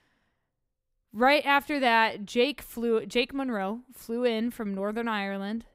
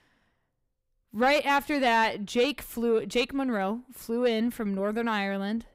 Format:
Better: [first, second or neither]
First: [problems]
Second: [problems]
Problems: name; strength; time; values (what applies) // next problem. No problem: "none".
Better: first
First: none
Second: distortion; slight; 10 dB below the speech